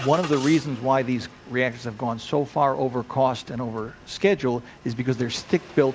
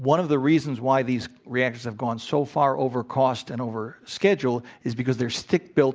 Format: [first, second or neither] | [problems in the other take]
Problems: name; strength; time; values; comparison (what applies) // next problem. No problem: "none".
second | background sound (Engine starting); 18 dB below the speech